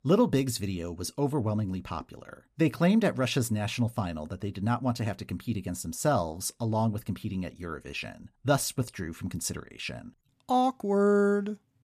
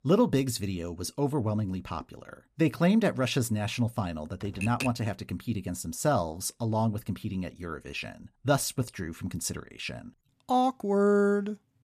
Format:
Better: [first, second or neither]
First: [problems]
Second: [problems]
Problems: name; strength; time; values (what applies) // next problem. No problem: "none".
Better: first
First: none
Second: keyboard typing; noticeable; at 4.5 s; peak 6 dB below the speech